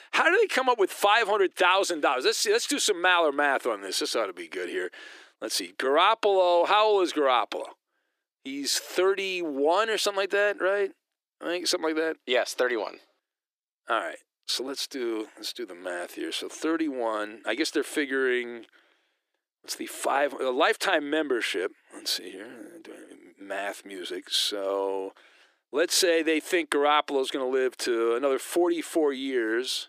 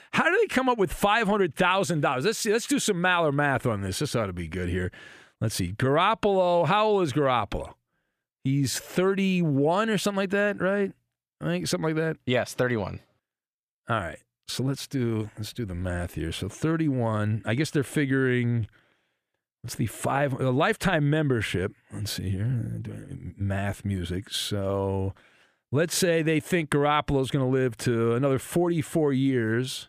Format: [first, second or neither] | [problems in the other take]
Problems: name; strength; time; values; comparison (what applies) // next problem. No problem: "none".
second | thin; somewhat; fading below 300 Hz